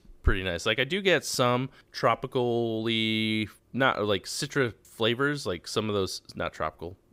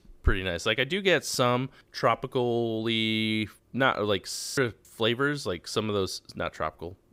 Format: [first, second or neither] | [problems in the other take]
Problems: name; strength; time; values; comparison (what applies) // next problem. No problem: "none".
first | audio freezing; at 4.5 s